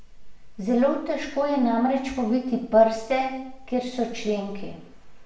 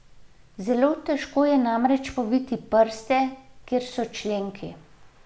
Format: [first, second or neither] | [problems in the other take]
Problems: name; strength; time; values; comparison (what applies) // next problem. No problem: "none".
second | room echo; dies away in 0.7 s